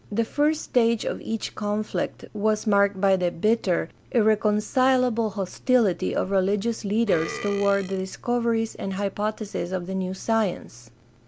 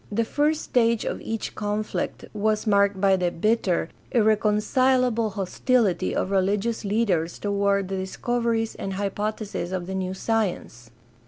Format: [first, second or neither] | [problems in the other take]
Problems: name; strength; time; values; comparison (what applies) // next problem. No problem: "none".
second | background sound (Burping, eructation); 13 dB below the speech